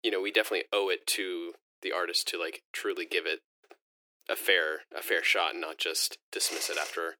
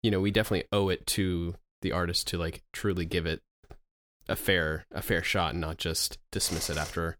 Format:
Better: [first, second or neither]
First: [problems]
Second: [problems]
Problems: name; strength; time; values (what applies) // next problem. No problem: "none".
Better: second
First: thin; very; fading below 350 Hz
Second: none